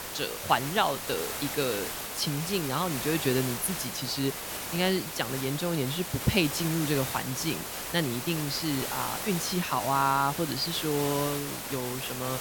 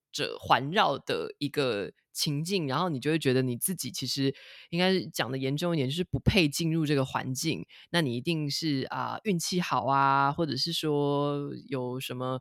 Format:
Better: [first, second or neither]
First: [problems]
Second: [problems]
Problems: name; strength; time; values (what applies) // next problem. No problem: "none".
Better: second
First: hiss; loud; throughout; 4 dB below the speech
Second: none